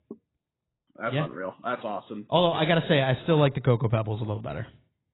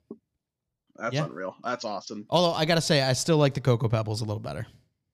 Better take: second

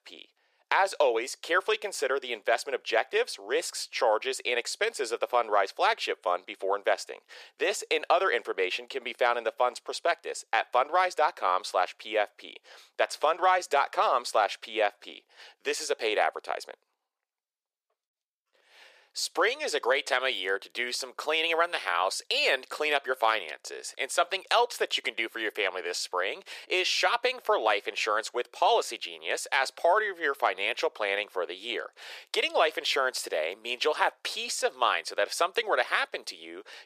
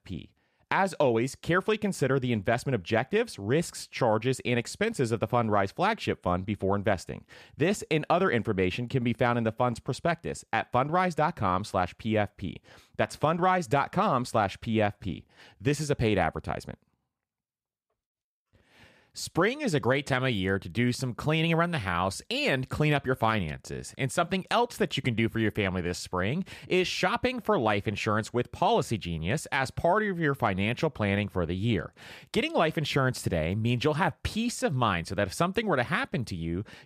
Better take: second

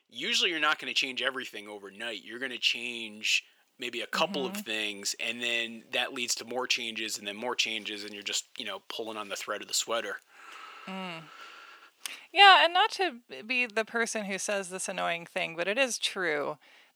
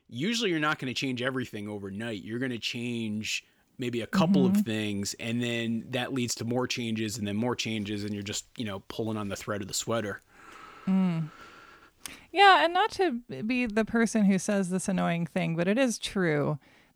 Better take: second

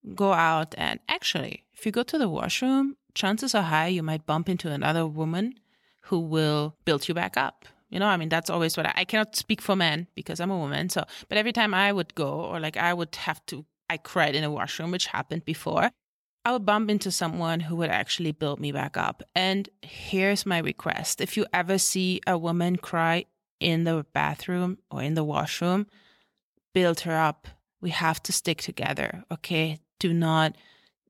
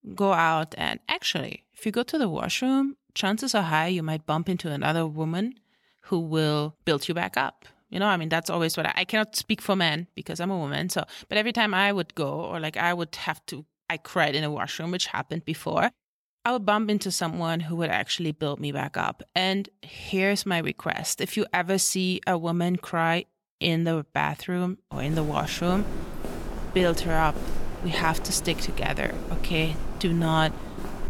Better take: first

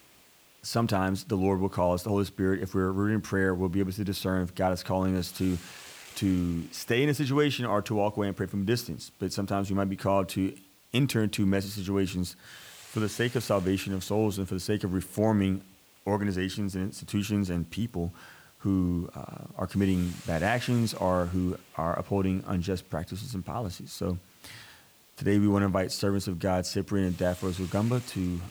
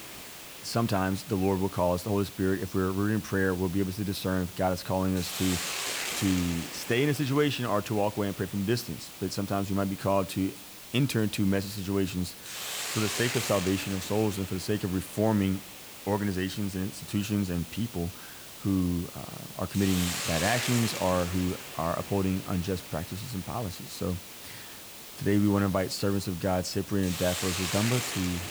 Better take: first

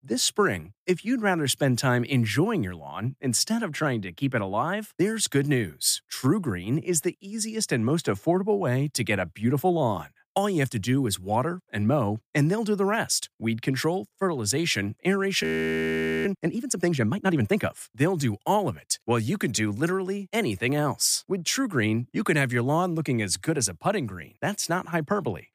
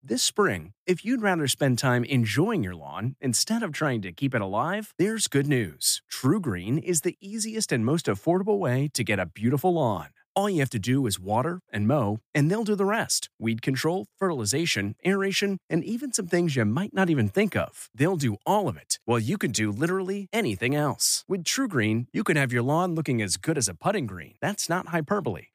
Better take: second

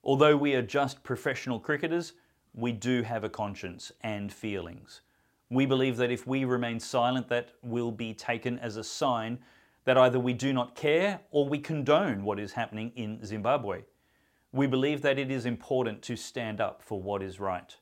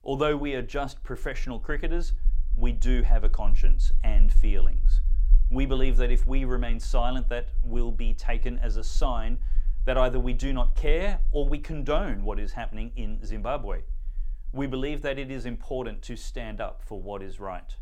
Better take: first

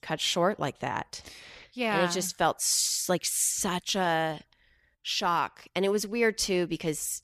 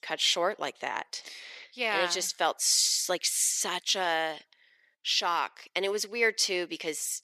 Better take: first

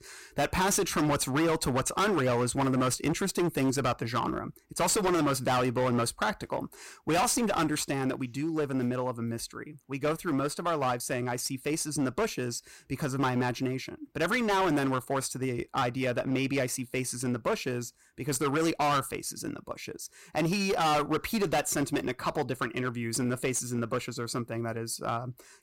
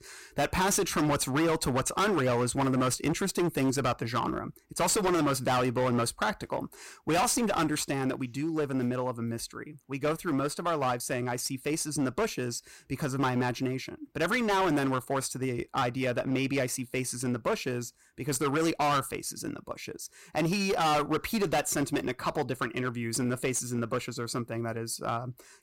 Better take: neither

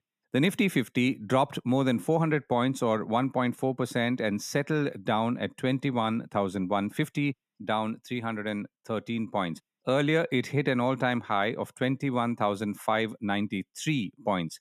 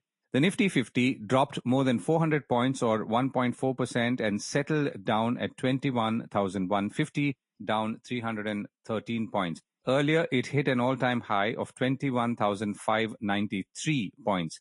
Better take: first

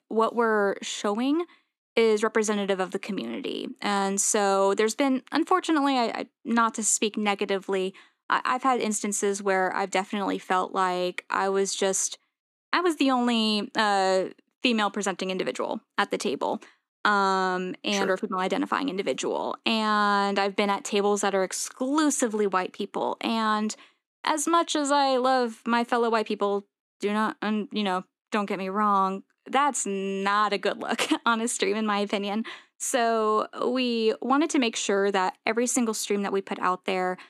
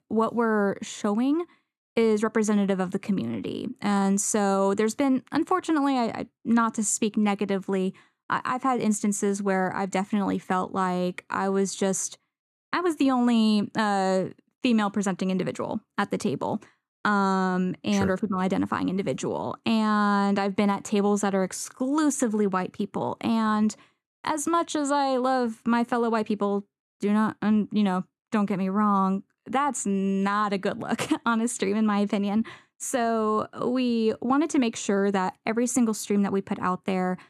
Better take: second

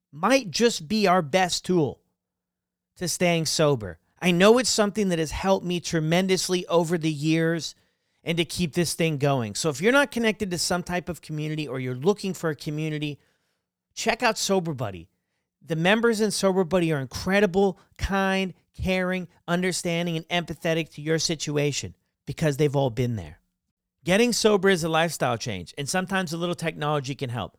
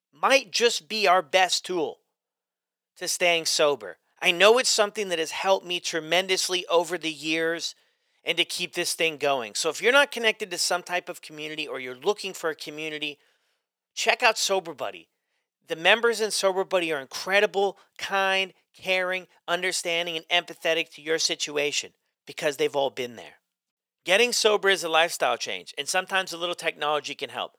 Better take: first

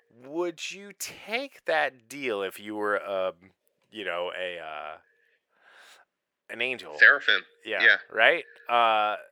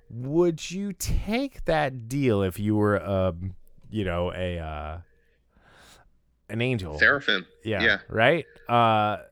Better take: second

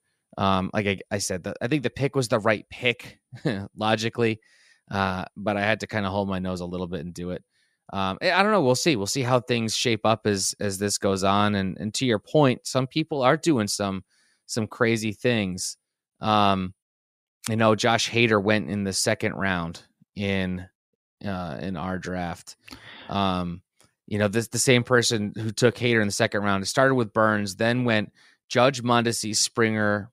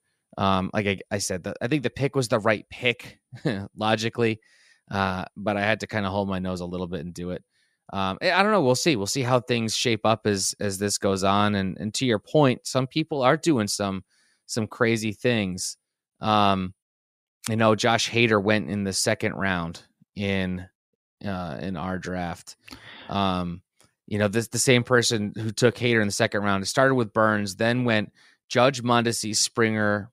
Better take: neither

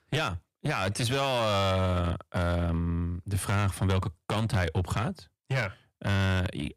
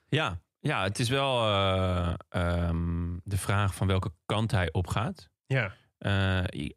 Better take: second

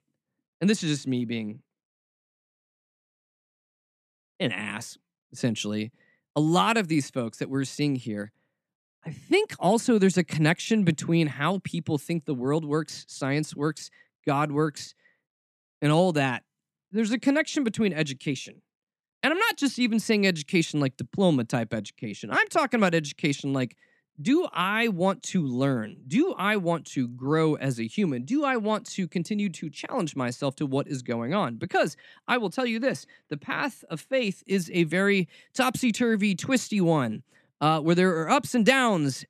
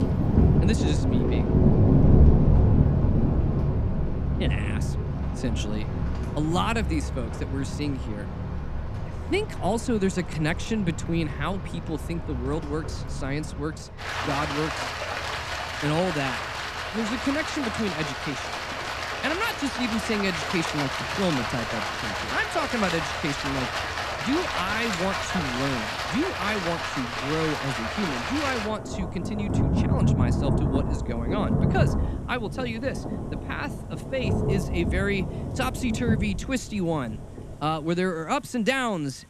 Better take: first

